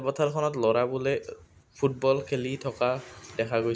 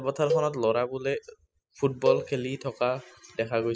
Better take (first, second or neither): first